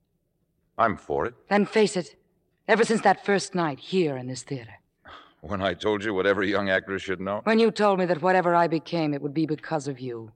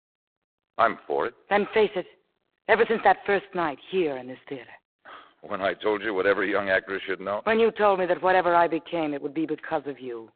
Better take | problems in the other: first | phone-call audio; poor line; nothing above 4 kHz

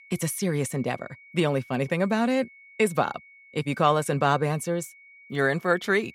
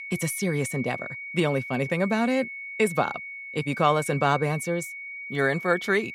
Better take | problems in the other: first | high-pitched whine; loud; throughout; 2 kHz, 9 dB below the speech; faint in the first

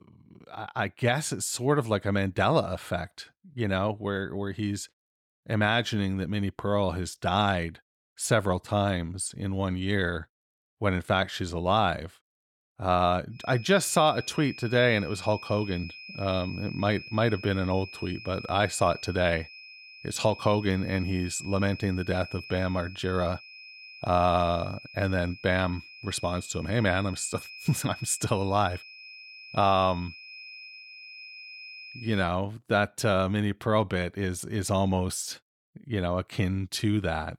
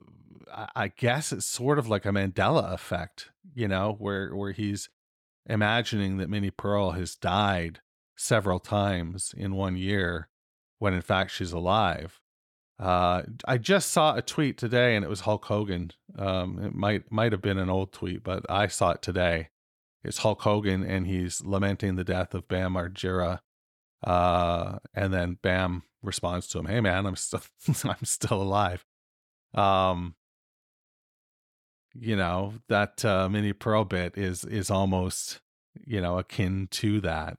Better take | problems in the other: second | high-pitched whine; noticeable; from 13 to 32 s; 2.5 kHz, 15 dB below the speech

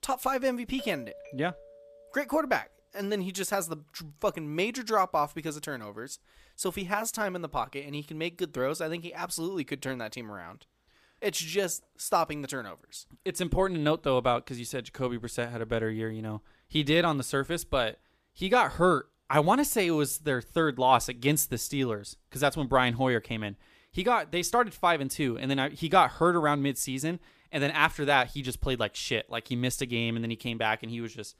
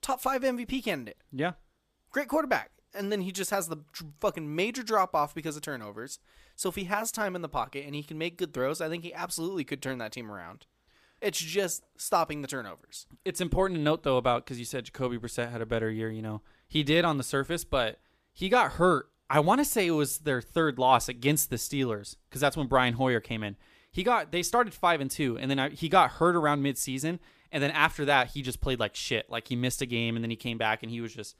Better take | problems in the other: second | doorbell; faint; from 1 to 2.5 s; peak 15 dB below the speech

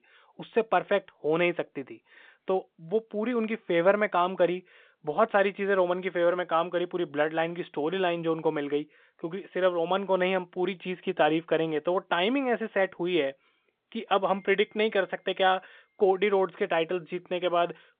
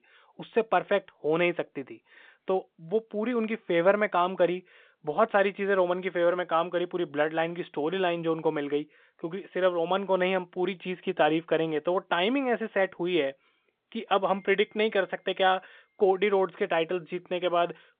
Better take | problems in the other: neither | phone-call audio; nothing above 3.5 kHz; the same in both

